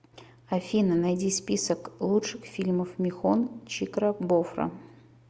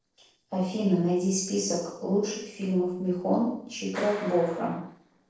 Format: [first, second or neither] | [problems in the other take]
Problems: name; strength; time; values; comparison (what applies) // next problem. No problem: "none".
first | noise reduction (neural separator model SepFormer DNS4)